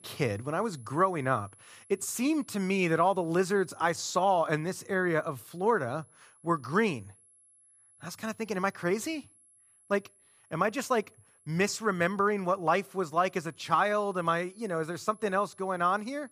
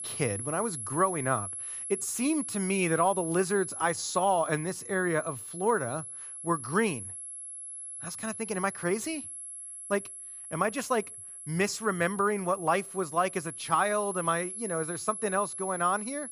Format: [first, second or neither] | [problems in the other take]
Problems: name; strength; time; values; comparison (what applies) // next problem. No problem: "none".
first | high-pitched whine; loud; throughout; 11 kHz, 7 dB below the speech; faint in the first